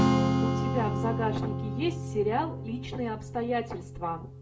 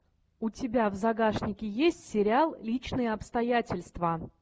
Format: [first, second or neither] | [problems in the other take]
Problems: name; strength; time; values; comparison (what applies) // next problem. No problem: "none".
second | background sound (Strum); 2 dB above the speech // room echo; dies away in 0.3 s